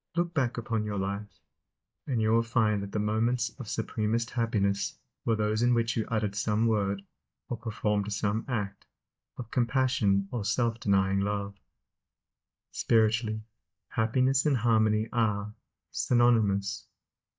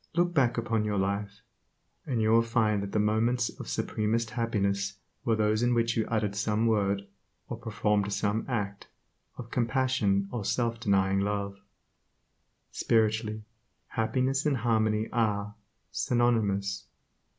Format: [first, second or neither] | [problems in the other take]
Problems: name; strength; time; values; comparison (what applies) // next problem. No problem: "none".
second | noise reduction (neural mask model DeepFilterNet 3)